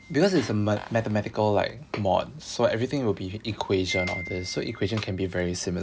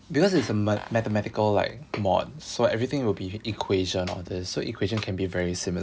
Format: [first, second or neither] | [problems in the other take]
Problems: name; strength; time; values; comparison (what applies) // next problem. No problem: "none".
second | background sound (Wind chime); 17 dB below the speech